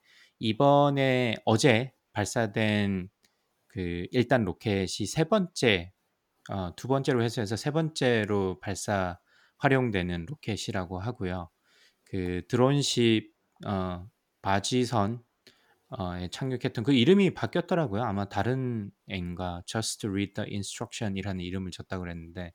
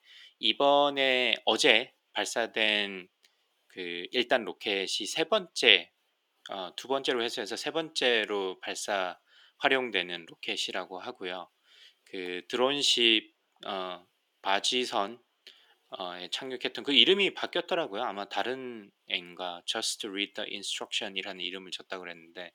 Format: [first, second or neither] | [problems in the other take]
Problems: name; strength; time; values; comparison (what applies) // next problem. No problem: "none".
first | thin; somewhat; fading below 350 Hz